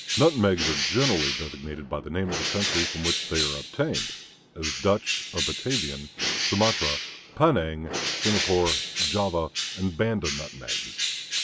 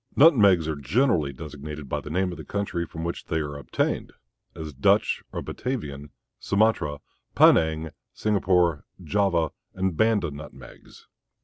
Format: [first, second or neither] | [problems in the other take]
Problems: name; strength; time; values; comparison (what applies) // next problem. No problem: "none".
second | background sound (Bird); 2 dB below the speech